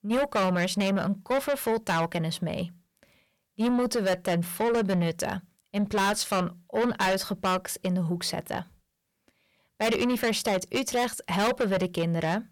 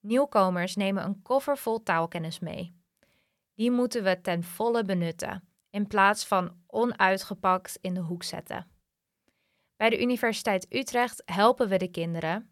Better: second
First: distortion; heavy; 6 dB below the speech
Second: none

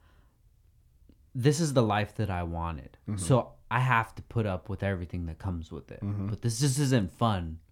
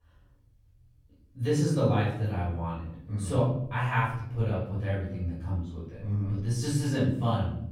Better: first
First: none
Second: off-mic speech; far // room echo; noticeable; dies away in 0.8 s

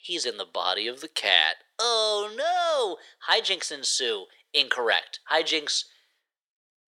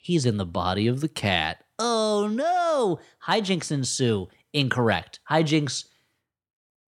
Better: second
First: thin; very; fading below 450 Hz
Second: none

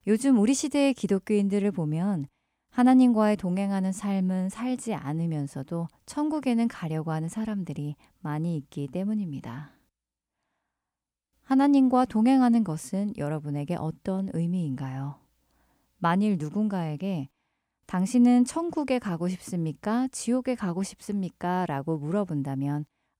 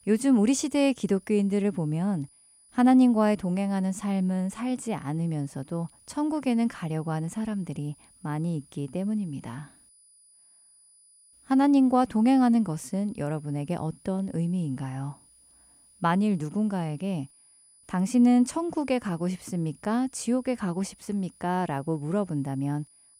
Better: first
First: none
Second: high-pitched whine; faint; throughout; 10 kHz, 30 dB below the speech

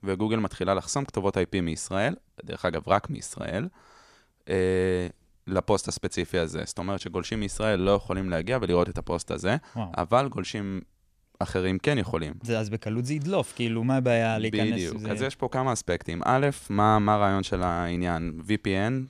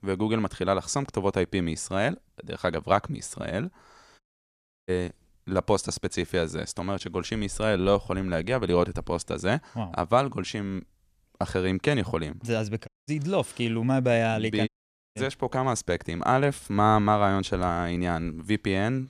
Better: first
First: none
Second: audio cutting out; at 4 s for 0.5 s, at 13 s and at 15 s

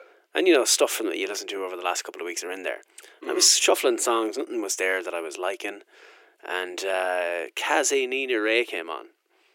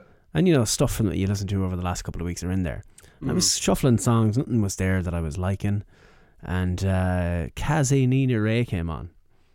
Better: second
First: thin; very; fading below 350 Hz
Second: none

